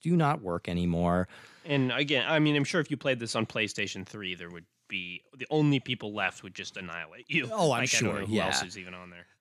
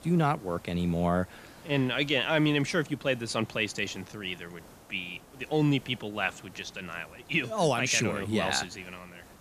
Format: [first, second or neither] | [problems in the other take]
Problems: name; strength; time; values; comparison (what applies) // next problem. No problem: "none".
first | hiss; faint; throughout; 25 dB below the speech